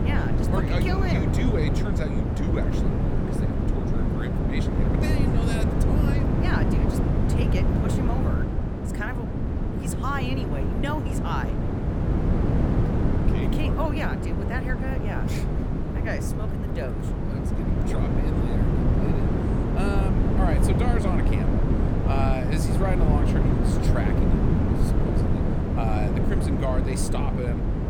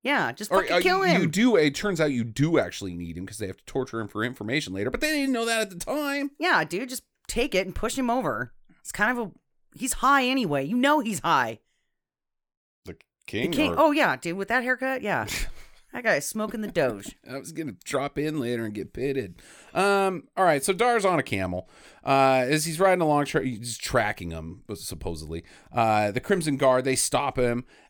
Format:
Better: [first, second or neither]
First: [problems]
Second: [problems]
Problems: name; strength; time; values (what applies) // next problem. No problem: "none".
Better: second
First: wind noise on the microphone; heavy; 1 dB above the speech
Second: none